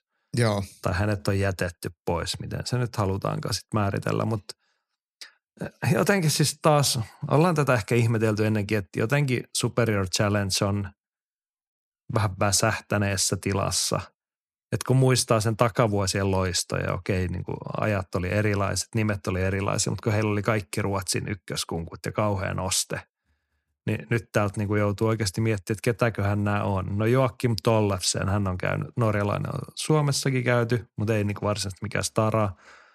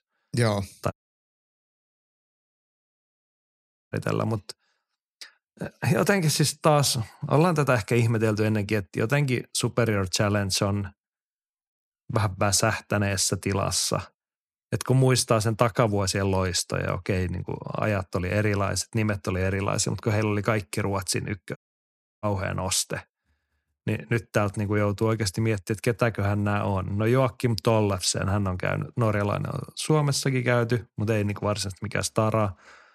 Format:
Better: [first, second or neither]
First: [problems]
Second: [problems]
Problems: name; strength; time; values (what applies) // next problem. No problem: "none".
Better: first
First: none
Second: audio cutting out; at 1 s for 3 s and at 22 s for 0.5 s